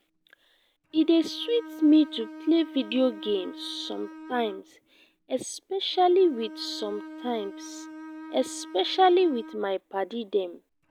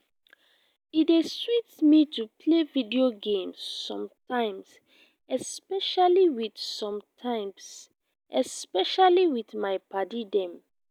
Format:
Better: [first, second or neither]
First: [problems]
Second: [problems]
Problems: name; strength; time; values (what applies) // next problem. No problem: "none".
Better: second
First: background sound (Bowed string instrument); 16 dB below the speech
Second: none